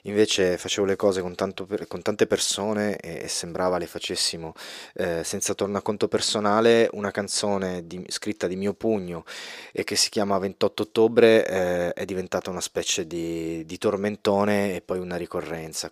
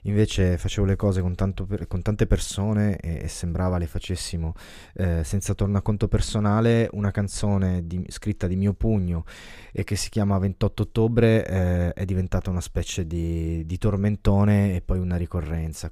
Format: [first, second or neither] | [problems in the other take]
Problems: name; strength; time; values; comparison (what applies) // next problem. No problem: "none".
second | thin; somewhat; fading below 400 Hz